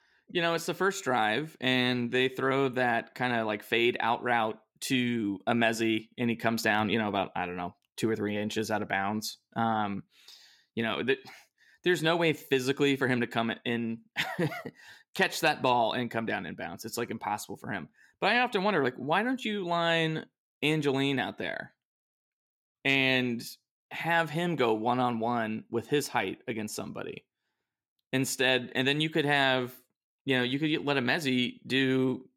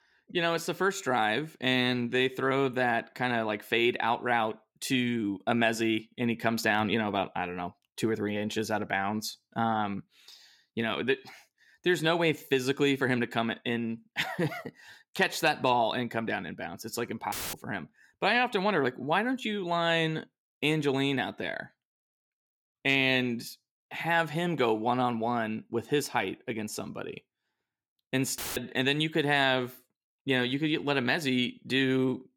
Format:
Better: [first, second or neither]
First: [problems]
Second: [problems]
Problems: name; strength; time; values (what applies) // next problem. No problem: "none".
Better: first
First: none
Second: audio cutting out; filled with static; at 17 s and at 28 s